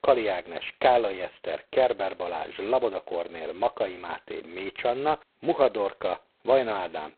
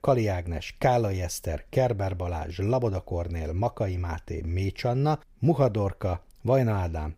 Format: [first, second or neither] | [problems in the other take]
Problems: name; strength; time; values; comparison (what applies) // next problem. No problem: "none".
second | phone-call audio; poor line; nothing above 4 kHz